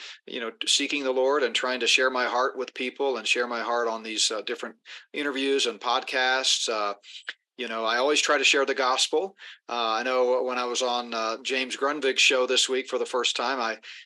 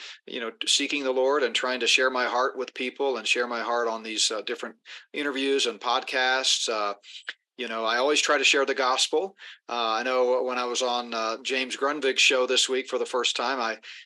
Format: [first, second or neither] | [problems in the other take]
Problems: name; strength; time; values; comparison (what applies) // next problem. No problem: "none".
neither | thin; somewhat; fading below 350 Hz; the same in both